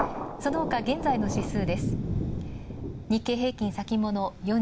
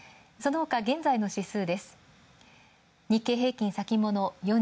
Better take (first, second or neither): second